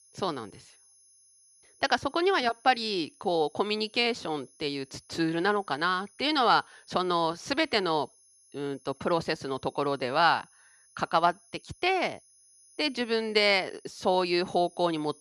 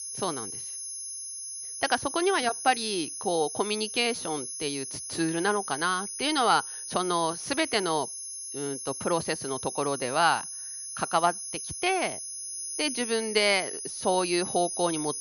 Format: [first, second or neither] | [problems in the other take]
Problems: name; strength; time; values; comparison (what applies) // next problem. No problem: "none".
first | high-pitched whine; loud; throughout; 10.5 kHz, 6 dB below the speech; faint in the first